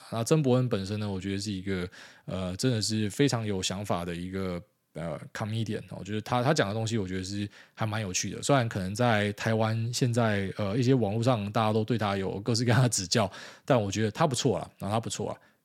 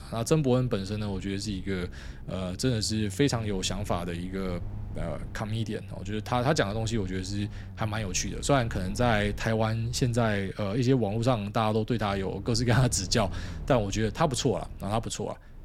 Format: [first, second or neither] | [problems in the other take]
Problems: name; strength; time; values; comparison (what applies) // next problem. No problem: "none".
first | low rumble; faint; throughout; 25 dB below the speech